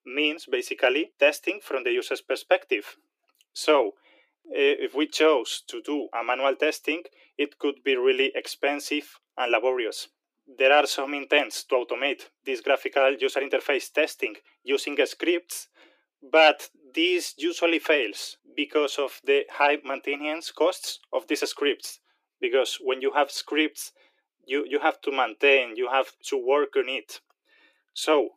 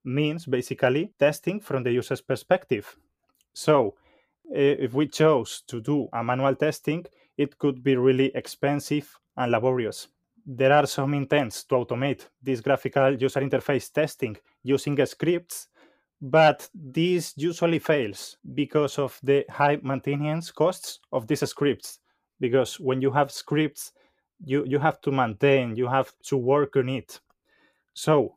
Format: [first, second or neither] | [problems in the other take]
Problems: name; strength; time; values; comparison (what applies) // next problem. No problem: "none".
second | thin; somewhat; fading below 300 Hz